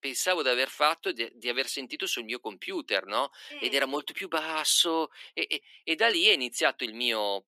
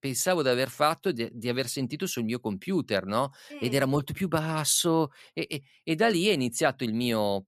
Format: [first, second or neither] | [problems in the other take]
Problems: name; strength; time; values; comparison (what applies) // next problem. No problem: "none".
second | thin; somewhat; fading below 300 Hz